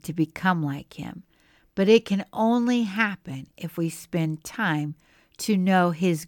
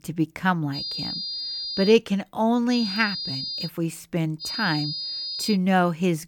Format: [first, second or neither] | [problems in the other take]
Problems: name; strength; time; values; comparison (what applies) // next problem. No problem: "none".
first | high-pitched whine; loud; from 1 to 2 s, at 2.5 s and from 4.5 to 5.5 s; 5 kHz, 5 dB below the speech